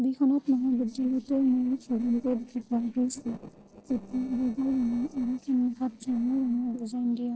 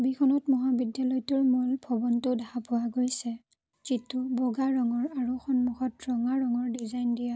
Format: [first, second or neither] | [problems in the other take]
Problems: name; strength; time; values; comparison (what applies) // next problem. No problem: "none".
second | noise reduction (neural separator model SepFormer DNS4)